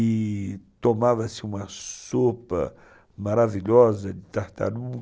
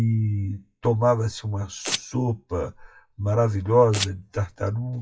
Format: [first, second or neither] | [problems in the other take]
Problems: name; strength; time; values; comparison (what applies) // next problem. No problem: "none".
first | noise reduction (classical method WPE with log-MMSE)